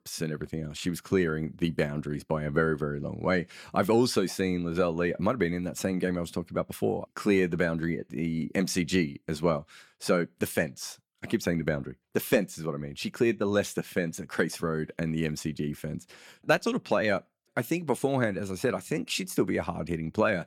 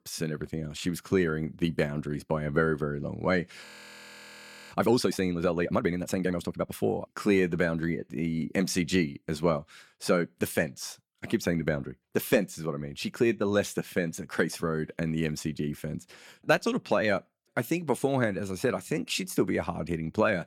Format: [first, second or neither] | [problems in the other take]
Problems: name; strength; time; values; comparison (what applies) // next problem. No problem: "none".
first | audio freezing; at 3.5 s for 1 s